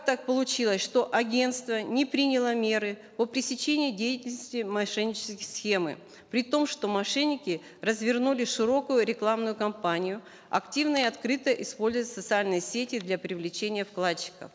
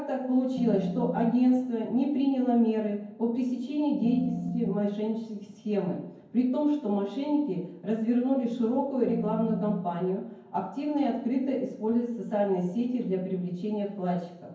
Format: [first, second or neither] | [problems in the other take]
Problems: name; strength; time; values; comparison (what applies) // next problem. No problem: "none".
first | background sound (Organ); 5 dB below the speech // room echo; dies away in 0.9 s